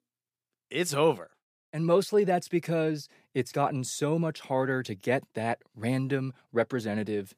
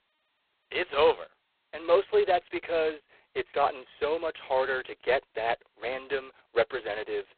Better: first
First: none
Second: phone-call audio; poor line; nothing above 4 kHz

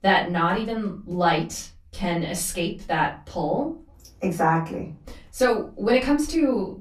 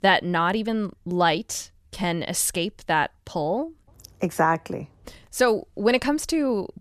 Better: second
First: off-mic speech; far // room echo; very slight; dies away in 0.3 s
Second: none

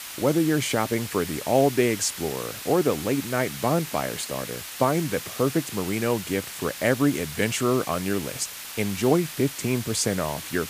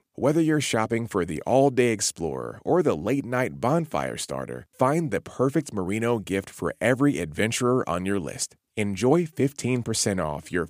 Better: second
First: hiss; loud; throughout; 9 dB below the speech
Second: none

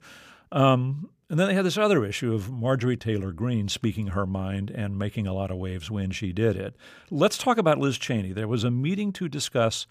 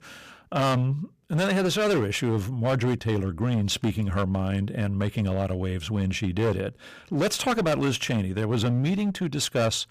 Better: first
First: none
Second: distortion; heavy; 14% of the sound clipped

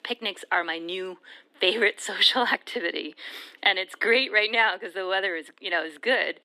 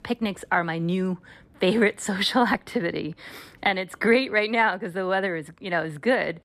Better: second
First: thin; somewhat; fading below 300 Hz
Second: none

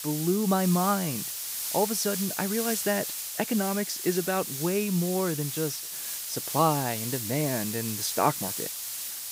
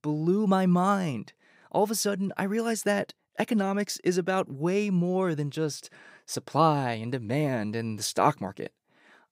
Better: second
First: hiss; loud; throughout; 3 dB below the speech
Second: none

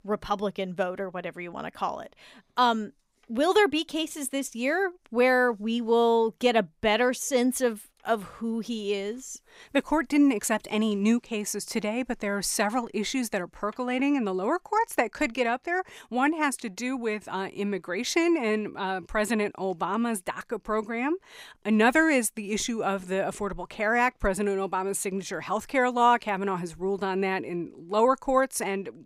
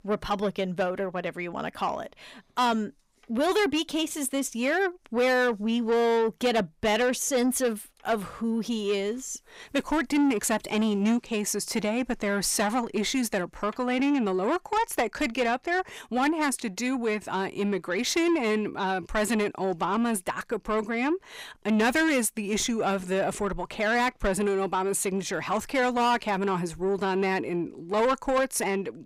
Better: first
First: none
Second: distortion; slight; 10 dB below the speech

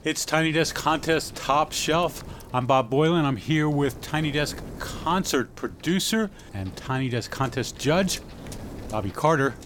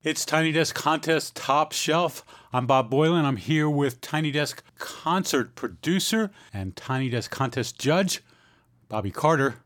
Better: second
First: wind noise on the microphone; occasional gusts; 20 dB below the speech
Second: none

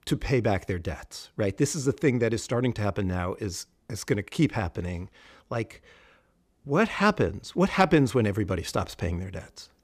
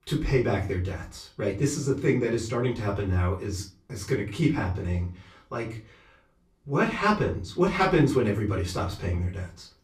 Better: first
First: none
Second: off-mic speech; far // room echo; very slight; dies away in 0.3 s

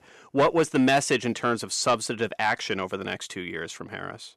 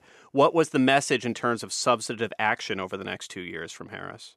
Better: second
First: distortion; slight; 10 dB below the speech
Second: none

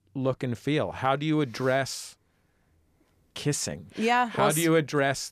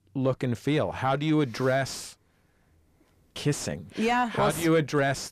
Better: first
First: none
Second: distortion; slight; 10 dB below the speech

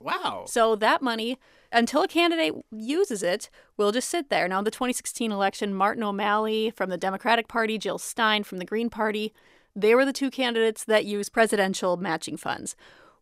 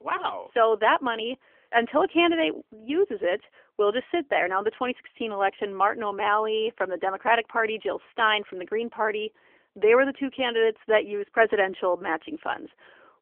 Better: first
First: none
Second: phone-call audio; nothing above 3 kHz

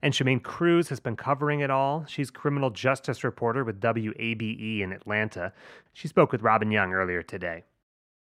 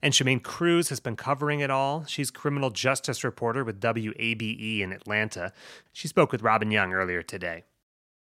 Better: second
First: muffled; slightly; fading above 3 kHz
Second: none

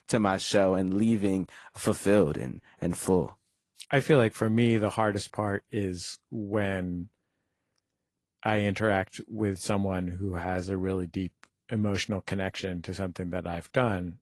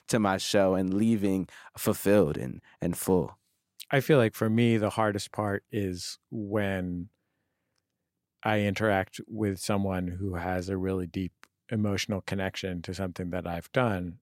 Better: second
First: garbled, watery; slightly; nothing above 11.5 kHz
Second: none

